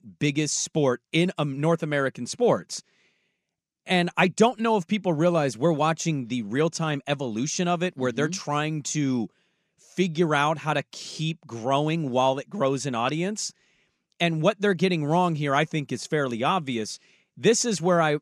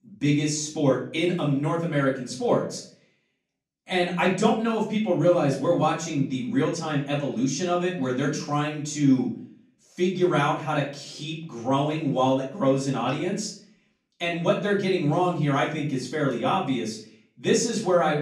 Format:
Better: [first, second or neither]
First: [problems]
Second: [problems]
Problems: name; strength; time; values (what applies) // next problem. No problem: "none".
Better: first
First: none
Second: off-mic speech; far // room echo; slight; dies away in 0.4 s